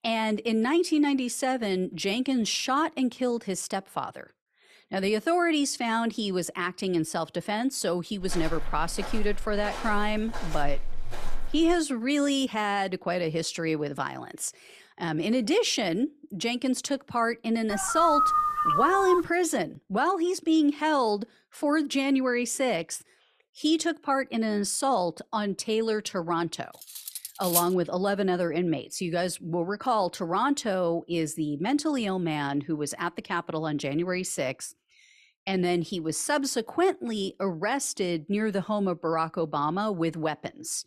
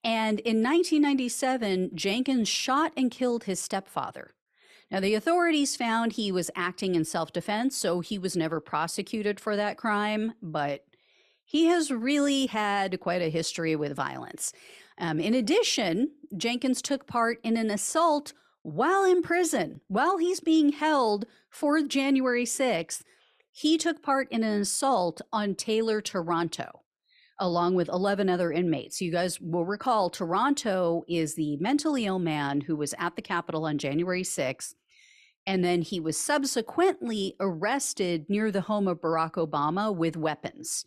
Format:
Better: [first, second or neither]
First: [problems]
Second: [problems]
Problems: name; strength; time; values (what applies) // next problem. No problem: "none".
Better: second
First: footsteps; noticeable; from 8 to 12 s; peak 10 dB below the speech // dog barking; loud; from 18 to 19 s; peak 5 dB above the speech // clattering dishes; loud; at 27 s; peak 1 dB above the speech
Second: none